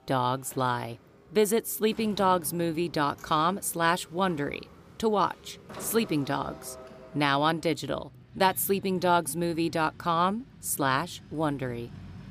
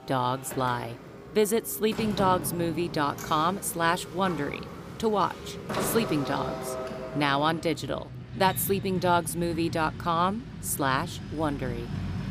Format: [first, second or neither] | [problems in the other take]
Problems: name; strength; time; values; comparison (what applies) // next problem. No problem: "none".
first | traffic noise; loud; throughout; 9 dB below the speech; faint in the first